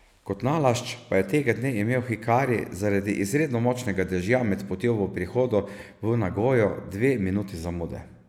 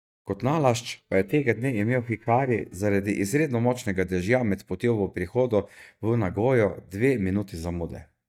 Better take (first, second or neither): first